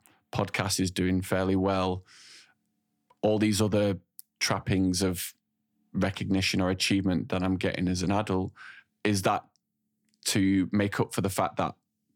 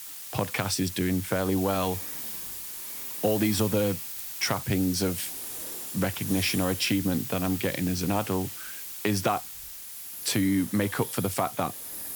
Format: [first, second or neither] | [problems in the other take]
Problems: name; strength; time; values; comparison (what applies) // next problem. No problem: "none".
first | hiss; loud; throughout; 6 dB below the speech